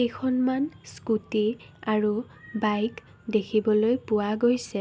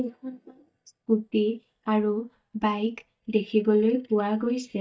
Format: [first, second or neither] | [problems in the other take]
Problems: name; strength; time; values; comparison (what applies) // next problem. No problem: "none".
first | noise reduction (neural mask model DeepFilterNet 3)